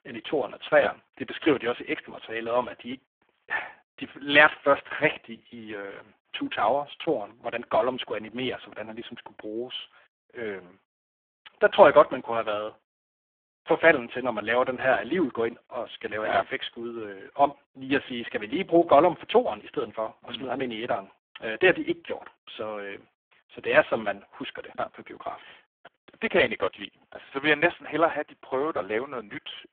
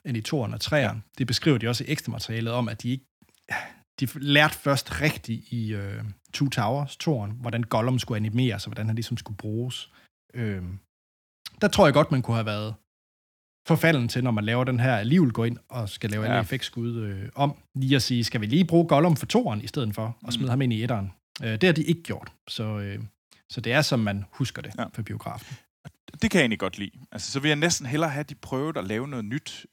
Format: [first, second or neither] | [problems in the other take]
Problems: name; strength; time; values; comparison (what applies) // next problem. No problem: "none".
second | phone-call audio; poor line